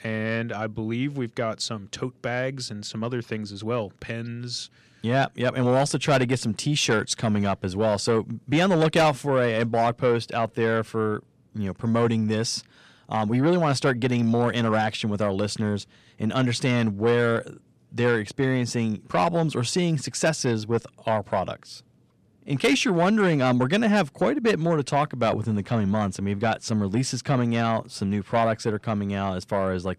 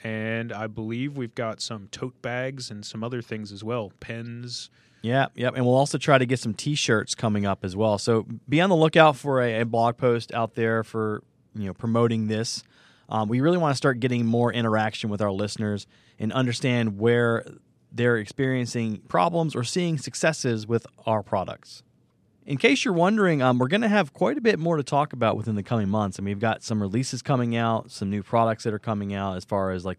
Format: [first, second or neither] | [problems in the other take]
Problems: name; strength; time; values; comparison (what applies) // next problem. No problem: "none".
second | distortion; slight; 10 dB below the speech